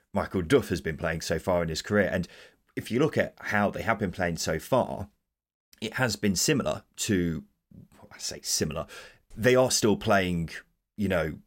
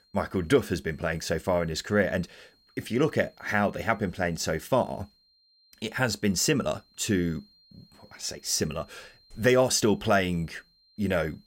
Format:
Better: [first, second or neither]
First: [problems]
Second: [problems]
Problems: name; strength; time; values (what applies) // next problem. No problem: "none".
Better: first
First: none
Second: high-pitched whine; faint; throughout; 4 kHz, 35 dB below the speech